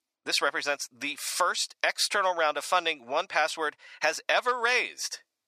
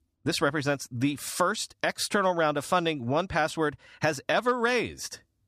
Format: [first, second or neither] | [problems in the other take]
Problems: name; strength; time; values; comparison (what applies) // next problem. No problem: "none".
second | thin; very; fading below 700 Hz